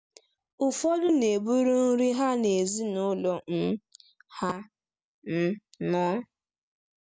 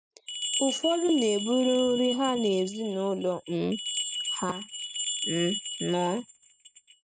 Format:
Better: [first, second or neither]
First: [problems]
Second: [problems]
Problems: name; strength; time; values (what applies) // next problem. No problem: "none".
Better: first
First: none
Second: noise reduction (neural mask model RNNoise)